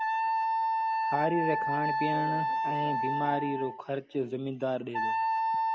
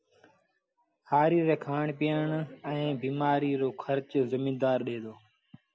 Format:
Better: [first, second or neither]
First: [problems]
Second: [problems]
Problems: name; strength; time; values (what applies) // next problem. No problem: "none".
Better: second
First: background sound (Wind instrument, woodwind instrument); 3 dB above the speech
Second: none